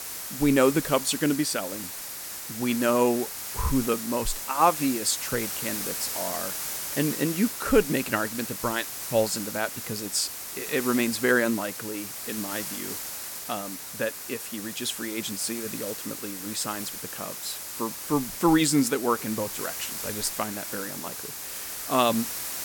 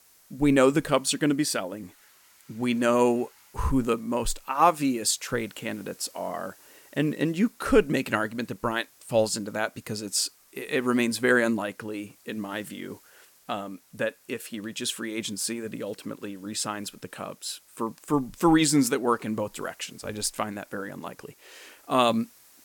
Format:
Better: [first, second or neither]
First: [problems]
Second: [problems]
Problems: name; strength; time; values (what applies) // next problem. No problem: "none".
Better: second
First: hiss; loud; throughout; 5 dB below the speech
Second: hiss; faint; throughout; 30 dB below the speech